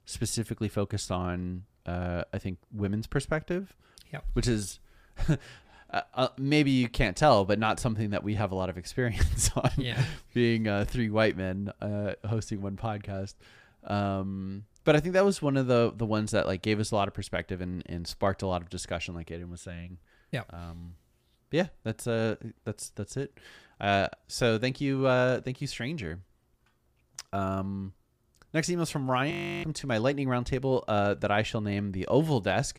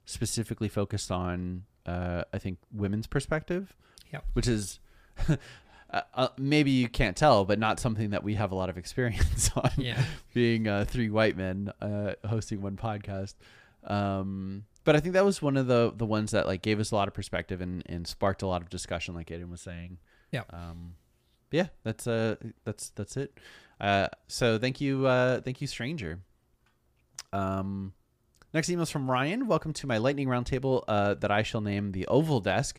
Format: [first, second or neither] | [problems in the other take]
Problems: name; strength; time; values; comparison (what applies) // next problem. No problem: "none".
second | audio freezing; at 29 s